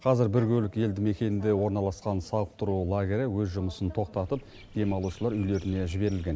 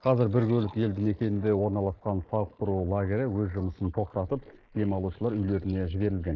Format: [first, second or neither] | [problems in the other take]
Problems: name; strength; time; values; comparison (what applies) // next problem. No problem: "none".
first | noise reduction (neural mask model Resemble Enhance denoiser)